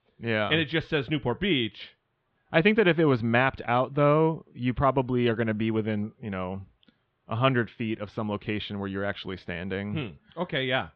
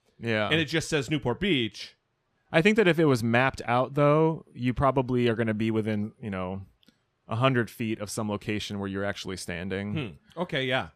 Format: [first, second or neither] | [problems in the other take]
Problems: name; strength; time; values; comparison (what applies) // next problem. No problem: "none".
second | muffled; slightly; fading above 3.5 kHz